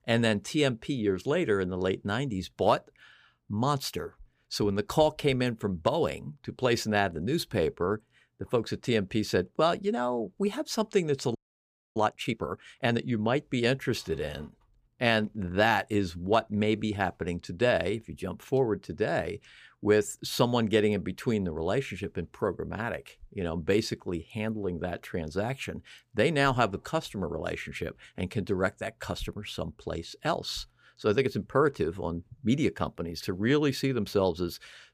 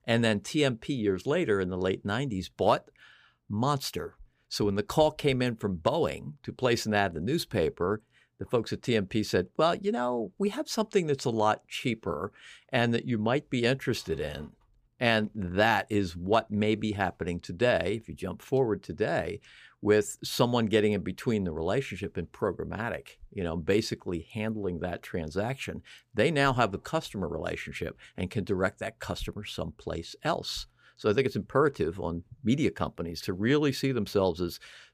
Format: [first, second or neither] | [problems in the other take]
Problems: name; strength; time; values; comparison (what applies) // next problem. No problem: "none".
second | audio freezing; at 11 s for 0.5 s